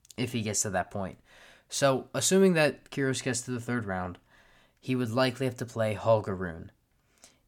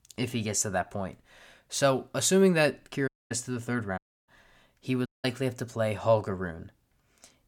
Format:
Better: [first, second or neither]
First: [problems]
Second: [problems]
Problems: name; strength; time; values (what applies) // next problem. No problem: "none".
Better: first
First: none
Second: audio cutting out; at 3 s, at 4 s and at 5 s